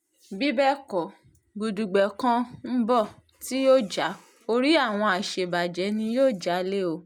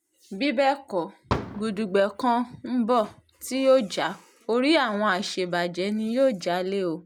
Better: first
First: none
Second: background sound (Fireworks); 8 dB below the speech

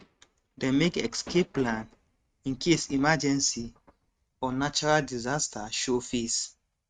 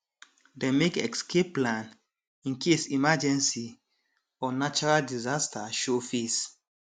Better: second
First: noise reduction (neural mask model RNNoise)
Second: none

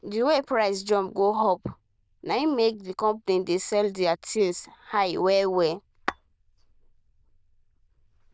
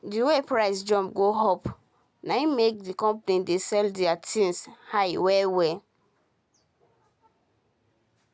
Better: second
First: noise reduction (neural diffusion model UNIVERSE++)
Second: none

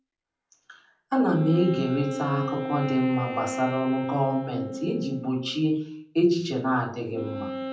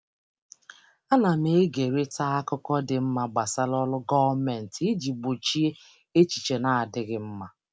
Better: second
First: background sound (Wind instrument, woodwind instrument); 8 dB below the speech // room echo; dies away in 0.6 s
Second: none

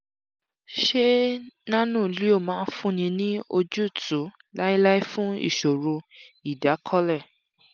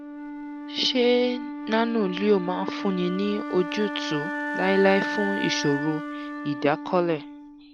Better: first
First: none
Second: background sound (Wind instrument, woodwind instrument); 7 dB below the speech

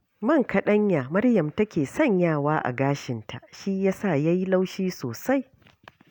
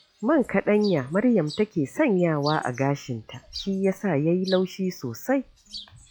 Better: first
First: none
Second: noise reduction (classical method log-MMSE)

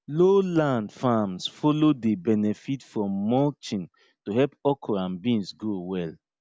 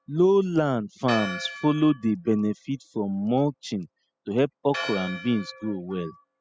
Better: first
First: none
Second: noise reduction (classical method spectral subtraction)

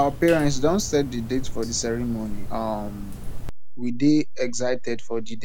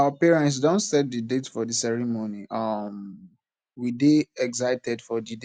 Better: second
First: background sound (Drip); 2 dB below the speech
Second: none

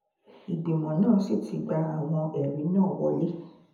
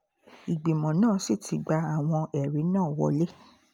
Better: second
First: room echo; dies away in 0.7 s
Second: none

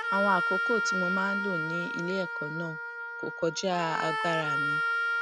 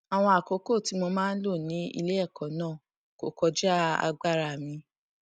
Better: second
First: background sound (Wind instrument, woodwind instrument); 2 dB above the speech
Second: none

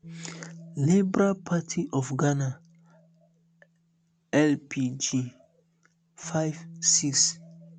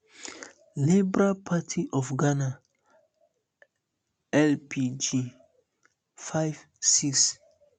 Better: second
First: background sound (Bass guitar); 20 dB below the speech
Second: none

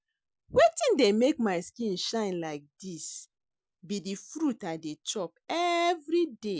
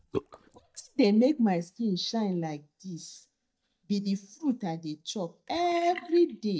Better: first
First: none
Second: noise reduction (neural mask model DeepFilterNet 3)

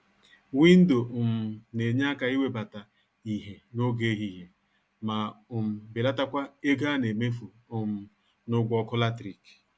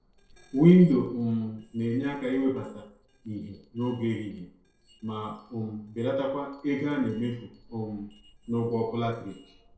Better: first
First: none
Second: noise reduction (neural separator model SepFormer DNS4)

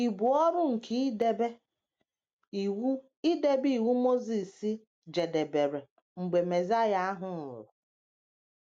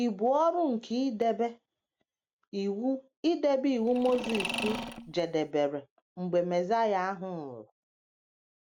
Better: first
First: none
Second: background sound (Mechanisms); 7 dB below the speech

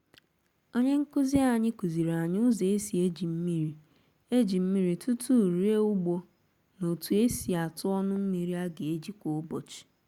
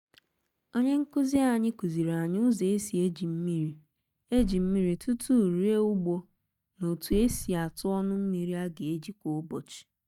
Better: first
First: none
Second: noise reduction (neural mask model DeepFilterNet 3)

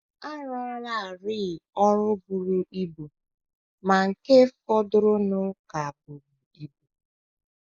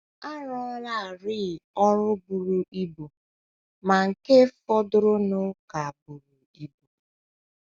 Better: second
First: noise reduction (neural mask model Resemble Enhance denoiser)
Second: none

